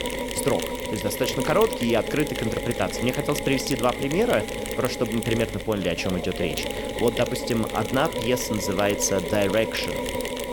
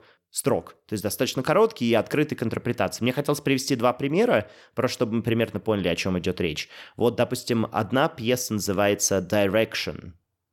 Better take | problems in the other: second | machinery noise; loud; throughout; 4 dB below the speech

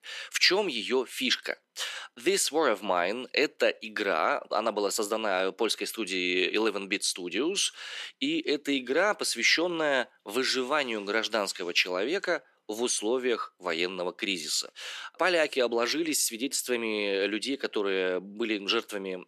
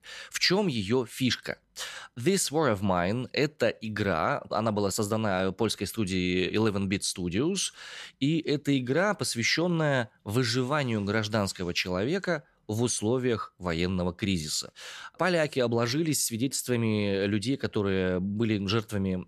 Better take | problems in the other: second | thin; somewhat; fading below 300 Hz

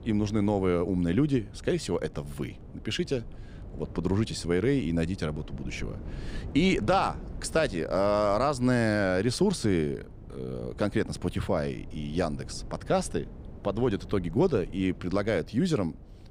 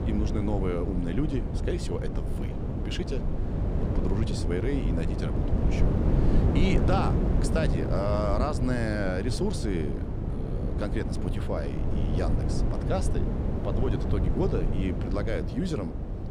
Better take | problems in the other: first | wind noise on the microphone; heavy; 3 dB below the speech; occasional gusts in the first

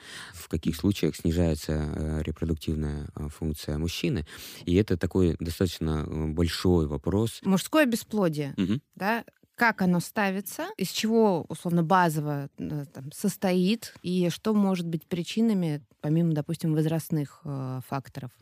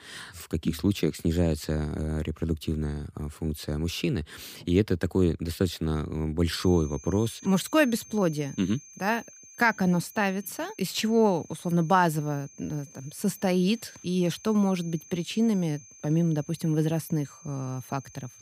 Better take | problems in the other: first | high-pitched whine; faint; from 6.5 s on; 6.5 kHz, 20 dB below the speech

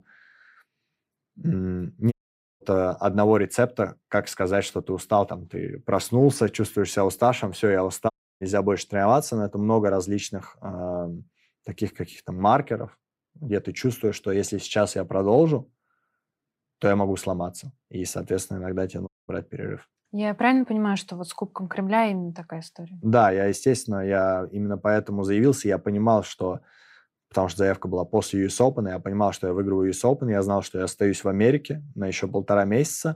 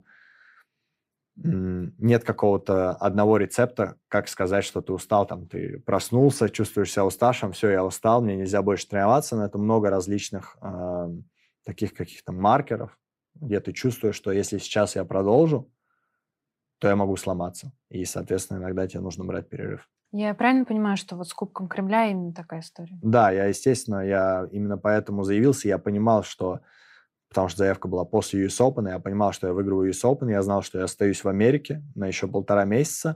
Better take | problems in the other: second | audio cutting out; at 2 s, at 8 s and at 19 s

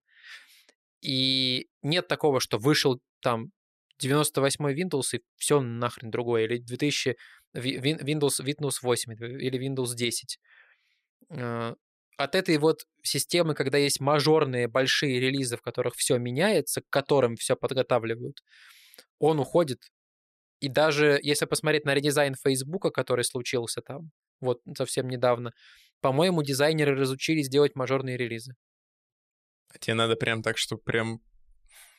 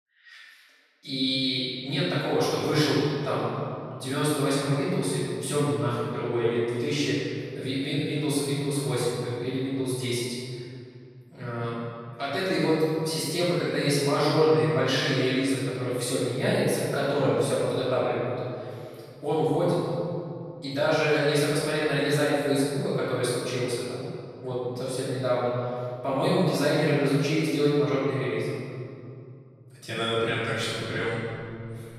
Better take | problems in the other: first | room echo; strong; dies away in 2.5 s // off-mic speech; far

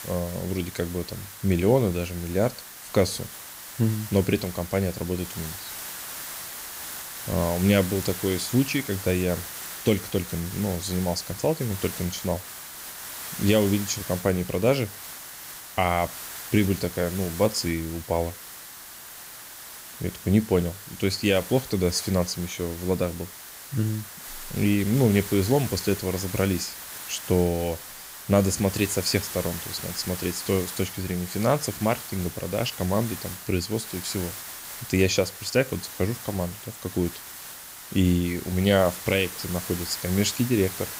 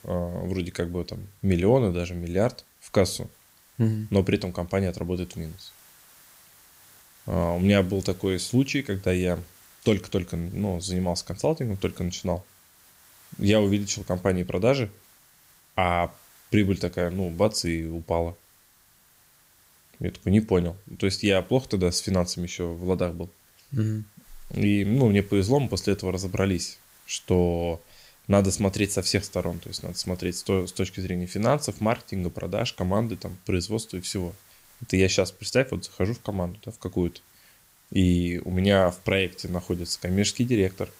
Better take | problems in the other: second | hiss; loud; throughout; 10 dB below the speech; faint in the second

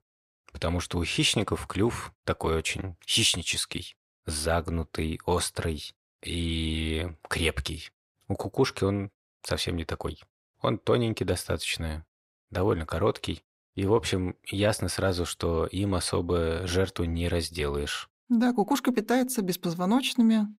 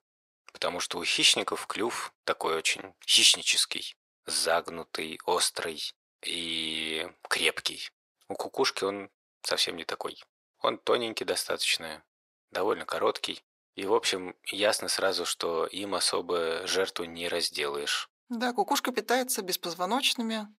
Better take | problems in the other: first | thin; somewhat; fading below 500 Hz

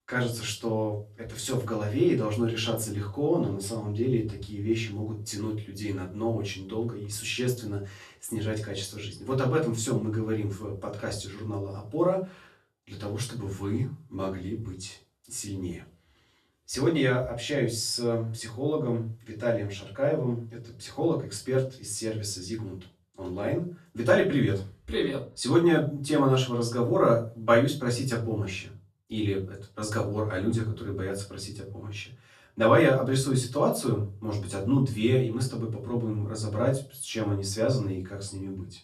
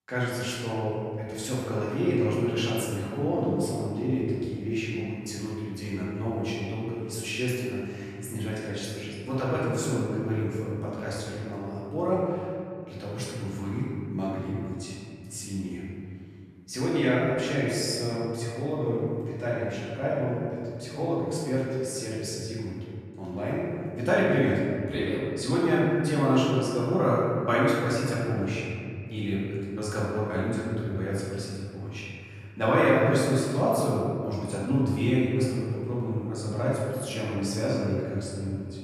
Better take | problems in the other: first | room echo; strong; dies away in 2.5 s; slight in the first // off-mic speech; far; far in the first

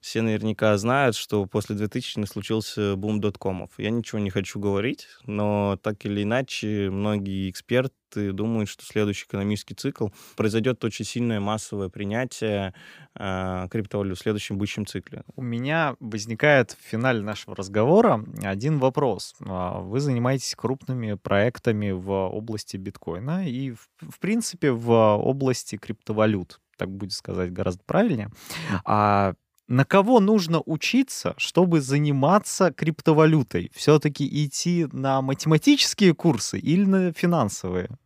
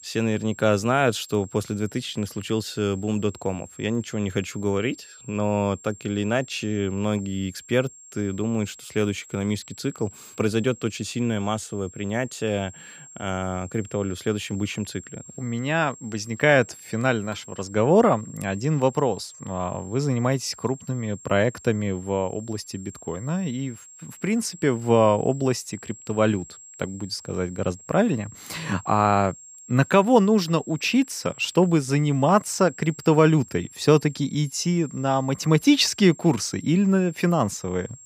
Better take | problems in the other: first | high-pitched whine; noticeable; throughout; 7.5 kHz, 20 dB below the speech

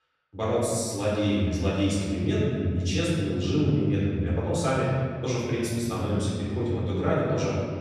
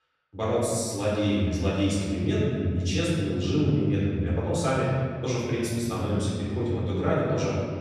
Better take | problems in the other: neither | off-mic speech; far; the same in both // room echo; strong; dies away in 2 s; the same in both

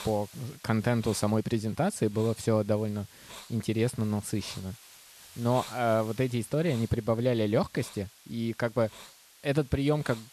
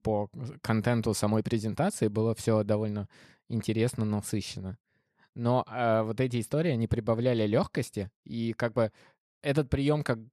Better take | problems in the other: second | hiss; noticeable; throughout; 20 dB below the speech

